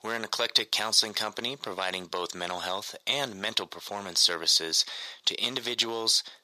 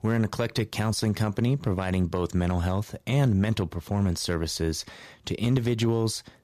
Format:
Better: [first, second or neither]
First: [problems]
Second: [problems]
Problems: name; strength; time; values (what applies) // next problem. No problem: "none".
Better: second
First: thin; very; fading below 650 Hz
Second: none